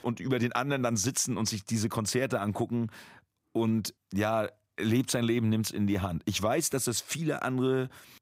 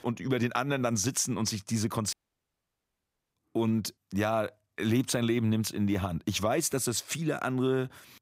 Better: first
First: none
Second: audio cutting out; at 2 s for 1 s

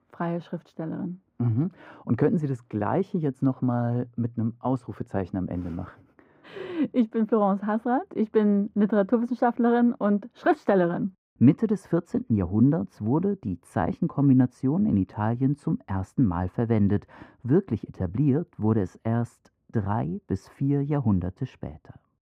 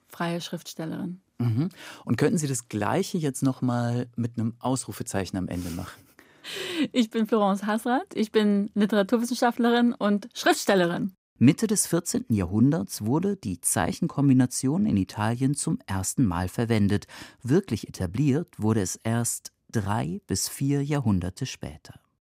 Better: second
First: muffled; very; fading above 3 kHz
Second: none

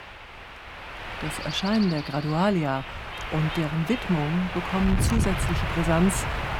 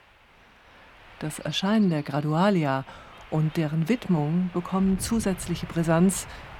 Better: second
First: wind noise on the microphone; heavy; 2 dB below the speech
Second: wind noise on the microphone; occasional gusts; 15 dB below the speech

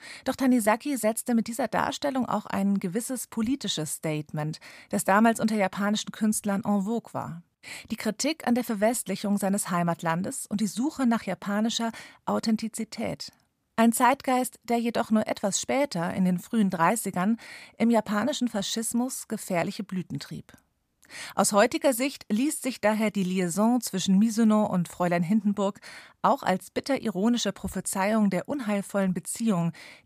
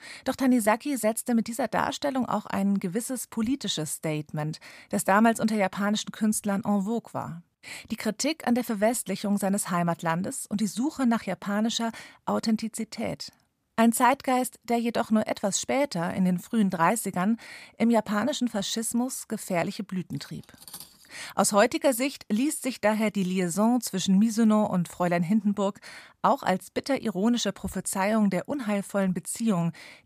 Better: first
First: none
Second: clattering dishes; faint; at 20 s; peak 15 dB below the speech

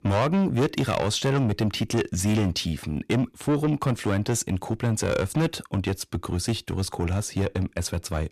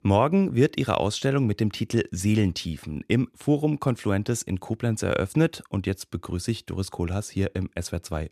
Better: second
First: distortion; heavy; 7 dB below the speech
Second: none

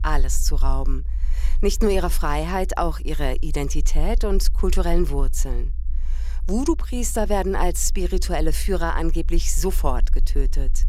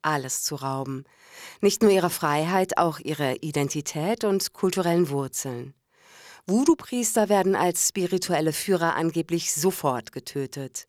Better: second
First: low rumble; faint; throughout; 25 dB below the speech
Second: none

